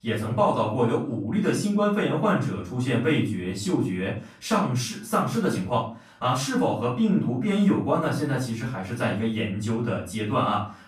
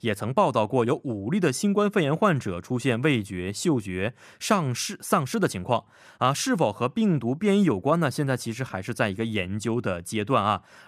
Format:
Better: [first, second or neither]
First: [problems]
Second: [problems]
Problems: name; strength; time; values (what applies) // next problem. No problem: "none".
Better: second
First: off-mic speech; far // room echo; slight; dies away in 0.4 s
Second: none